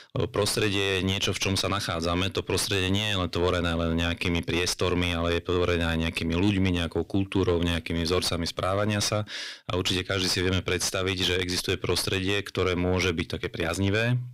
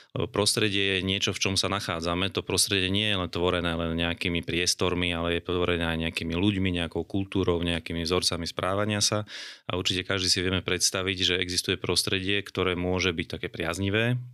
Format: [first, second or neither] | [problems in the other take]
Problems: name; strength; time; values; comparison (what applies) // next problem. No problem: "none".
second | distortion; heavy; 7 dB below the speech